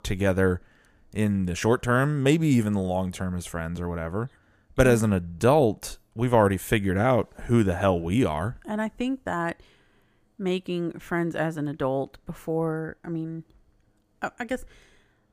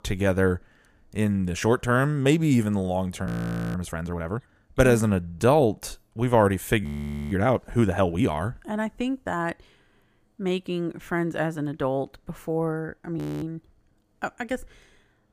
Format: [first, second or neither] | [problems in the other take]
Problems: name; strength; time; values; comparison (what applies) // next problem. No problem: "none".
first | audio freezing; at 3.5 s, at 7 s and at 13 s